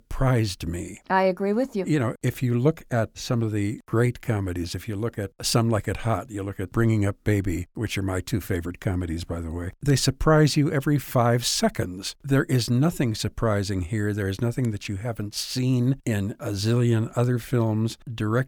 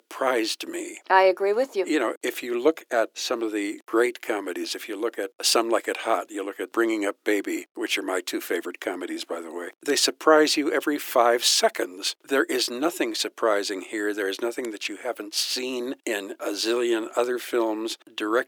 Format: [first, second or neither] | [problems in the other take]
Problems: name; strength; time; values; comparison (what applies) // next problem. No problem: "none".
first | thin; very; fading below 350 Hz